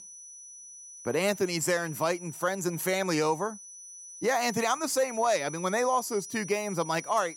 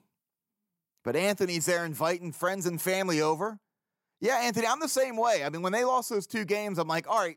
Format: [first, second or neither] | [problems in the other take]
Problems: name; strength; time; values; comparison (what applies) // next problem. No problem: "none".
second | high-pitched whine; noticeable; throughout; 6 kHz, 15 dB below the speech